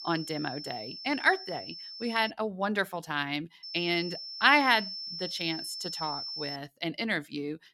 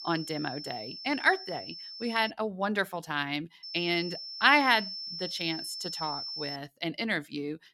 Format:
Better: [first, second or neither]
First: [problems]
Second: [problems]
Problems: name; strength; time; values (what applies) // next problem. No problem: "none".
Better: neither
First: high-pitched whine; loud; until 2.5 s and from 3.5 to 6.5 s; 5.5 kHz, 8 dB below the speech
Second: high-pitched whine; loud; until 2.5 s and from 3.5 to 6.5 s; 5.5 kHz, 8 dB below the speech